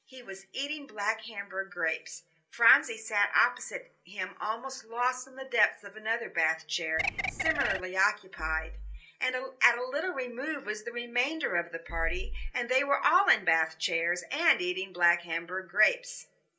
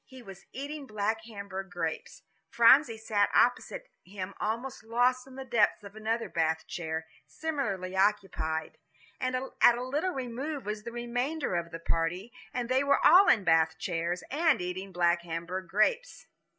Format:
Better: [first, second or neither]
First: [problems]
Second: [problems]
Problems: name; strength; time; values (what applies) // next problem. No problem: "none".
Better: second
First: background sound (Bird); 2 dB below the speech // room echo; dies away in 0.2 s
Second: none